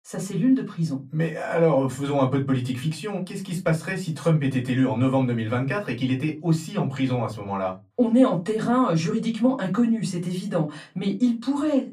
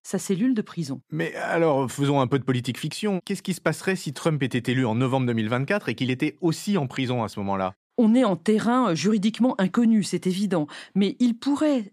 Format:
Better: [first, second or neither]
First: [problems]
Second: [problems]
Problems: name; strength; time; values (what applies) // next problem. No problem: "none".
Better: second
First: off-mic speech; far // room echo; very slight; dies away in 0.2 s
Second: none